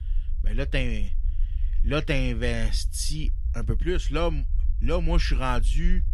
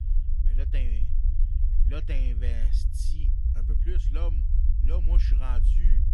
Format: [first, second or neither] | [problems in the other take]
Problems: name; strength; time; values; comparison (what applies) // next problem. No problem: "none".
first | low rumble; loud; throughout; 4 dB below the speech; faint in the first